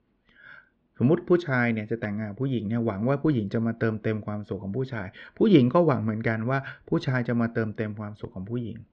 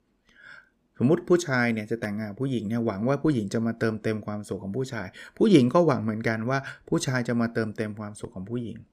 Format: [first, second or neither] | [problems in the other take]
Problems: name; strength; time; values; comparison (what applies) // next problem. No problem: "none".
second | muffled; slightly; fading above 3.5 kHz